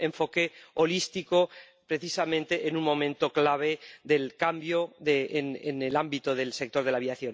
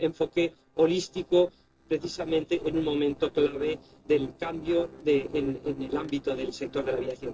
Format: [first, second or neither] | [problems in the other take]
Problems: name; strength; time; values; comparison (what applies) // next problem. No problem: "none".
first | noise reduction (neural separator model SepFormer DNS4)